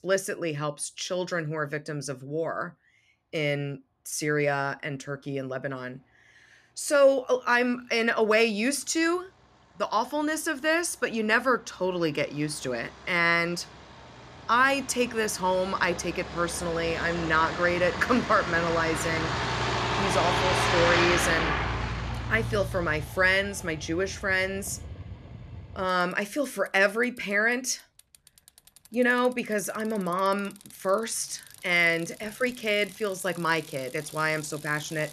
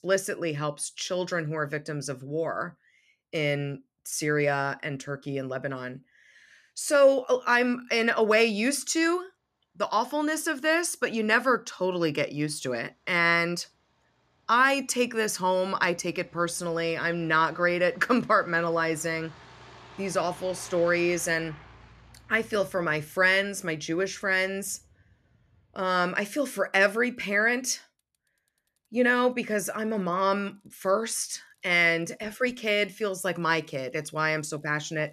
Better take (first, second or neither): second